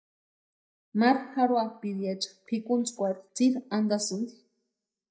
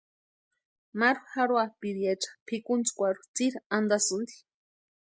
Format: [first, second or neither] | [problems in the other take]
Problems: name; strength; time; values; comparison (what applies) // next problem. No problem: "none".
second | noise reduction (neural mask model DeepFilterNet 3)